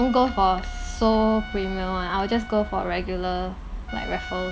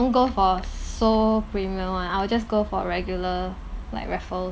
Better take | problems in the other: second | background sound (Trumpet); 16 dB below the speech

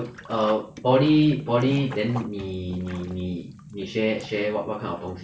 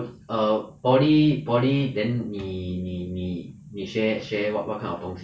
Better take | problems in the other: second | background sound (Sink (filling or washing)); 18 dB below the speech

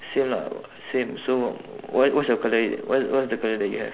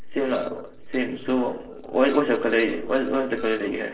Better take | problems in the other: first | noise reduction (neural separator model SepFormer DNS4)

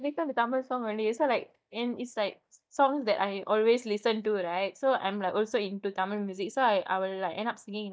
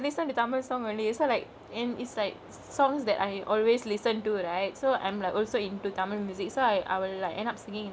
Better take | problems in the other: second | noise reduction (neural mask model DeepFilterNet 3)

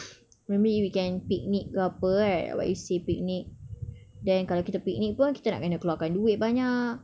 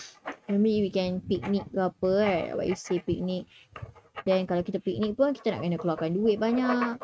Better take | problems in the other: first | noise reduction (neural mask model RNNoise)

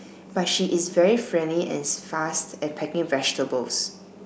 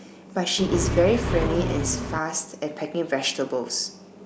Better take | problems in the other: first | background sound (Accelerating, revving, vroom); as loud as the speech

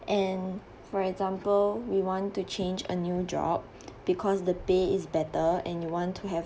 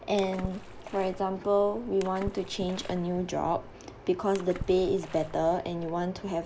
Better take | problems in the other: first | background sound (Water / Splash, splatter); 14 dB below the speech

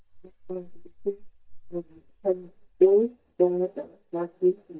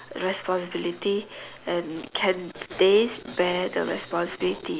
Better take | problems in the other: second | noise reduction (neural mask model DeepFilterNet 3)

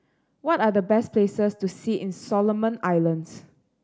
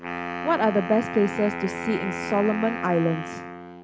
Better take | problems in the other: first | background sound (Wind instrument, woodwind instrument); 7 dB below the speech

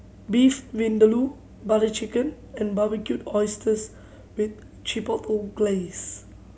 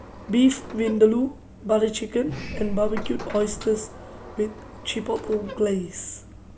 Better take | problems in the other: first | background sound (Sliding door); 11 dB below the speech

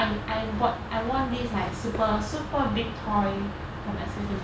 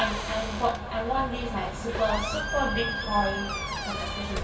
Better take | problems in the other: first | background sound (Squeak); 7 dB below the speech // room echo; dies away in 2.6 s

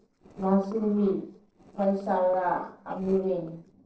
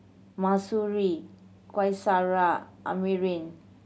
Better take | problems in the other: second | noise reduction (neural separator model SepFormer DNS4)

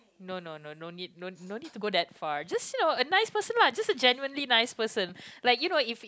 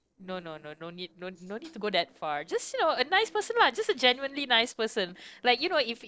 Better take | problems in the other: first | noise reduction (neural separator model SepFormer DNS4)

